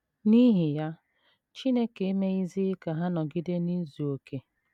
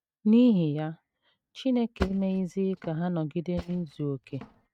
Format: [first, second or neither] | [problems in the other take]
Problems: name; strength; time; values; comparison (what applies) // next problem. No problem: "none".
first | noise reduction (neural mask model RNNoise)